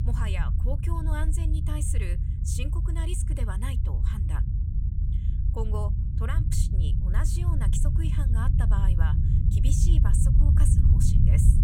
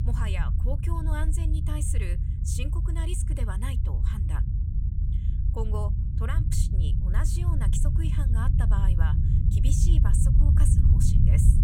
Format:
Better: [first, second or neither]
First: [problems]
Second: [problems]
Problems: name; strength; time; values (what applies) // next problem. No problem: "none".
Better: neither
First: low rumble; loud; throughout; 1 dB below the speech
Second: low rumble; loud; throughout; 1 dB below the speech